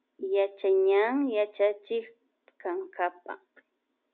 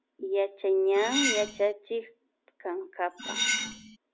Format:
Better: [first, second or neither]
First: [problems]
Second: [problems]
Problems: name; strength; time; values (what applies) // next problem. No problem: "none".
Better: first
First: none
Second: background sound (Cutlery, silverware); 1 dB below the speech